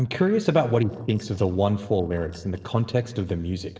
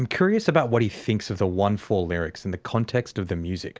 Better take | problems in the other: second | noise reduction (neural separator model SepFormer DNS4)

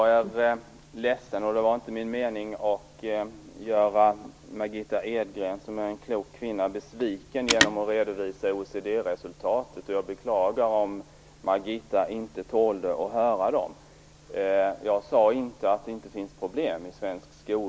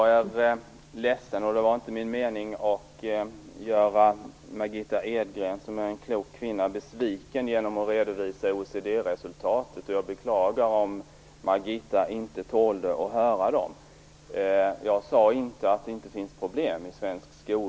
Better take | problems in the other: second | background sound (Telephone); 4 dB below the speech

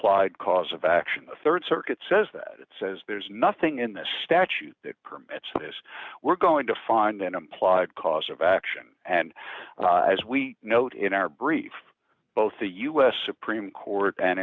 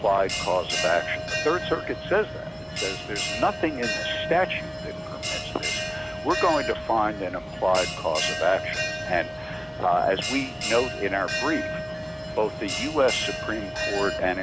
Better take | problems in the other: first | background sound (Bell); 4 dB below the speech

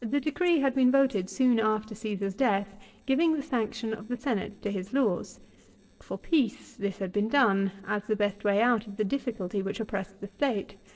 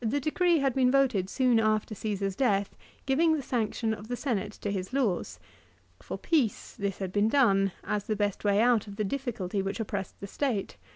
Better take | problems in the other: second | noise reduction (neural separator model SepFormer DNS4)

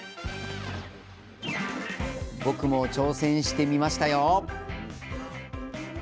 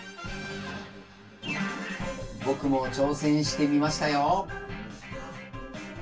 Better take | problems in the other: first | room echo; dies away in 0.2 s

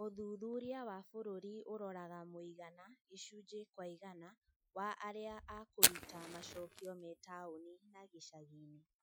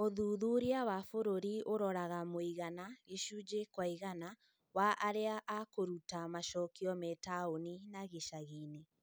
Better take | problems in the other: second | noise reduction (classical method Wiener filter)

